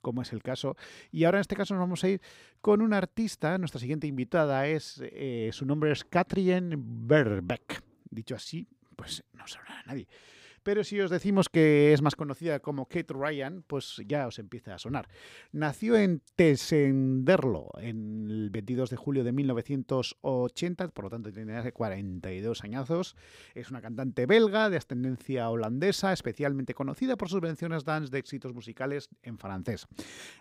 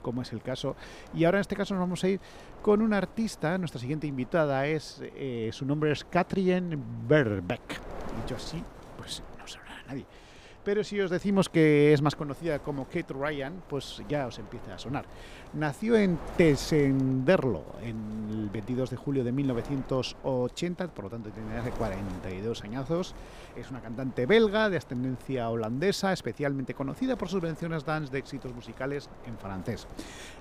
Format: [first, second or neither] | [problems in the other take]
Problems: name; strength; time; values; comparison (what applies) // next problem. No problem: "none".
first | wind noise on the microphone; occasional gusts; 20 dB below the speech